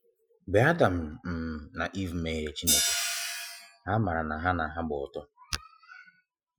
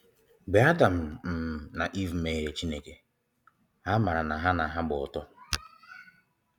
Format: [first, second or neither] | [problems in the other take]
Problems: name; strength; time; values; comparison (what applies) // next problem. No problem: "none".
second | noise reduction (classical method Wiener filter)